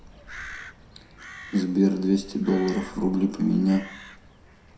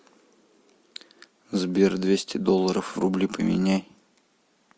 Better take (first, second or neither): second